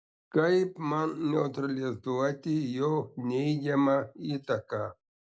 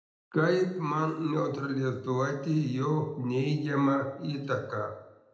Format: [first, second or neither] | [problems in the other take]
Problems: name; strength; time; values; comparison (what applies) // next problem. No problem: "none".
first | room echo; dies away in 0.7 s